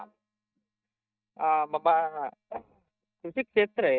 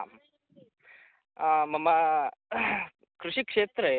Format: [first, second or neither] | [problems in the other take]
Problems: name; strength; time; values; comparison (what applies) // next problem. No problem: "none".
second | noise reduction (neural mask model DeepFilterNet 3)